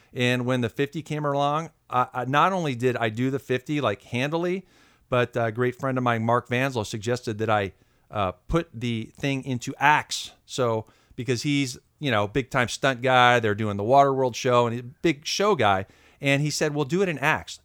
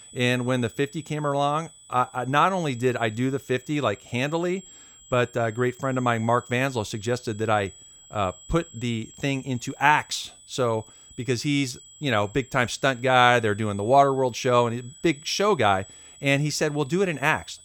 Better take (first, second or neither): first